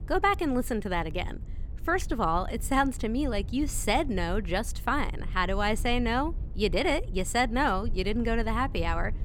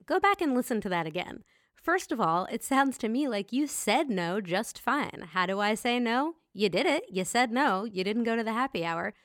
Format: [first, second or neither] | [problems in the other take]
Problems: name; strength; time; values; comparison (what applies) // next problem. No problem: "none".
second | low rumble; faint; throughout; 25 dB below the speech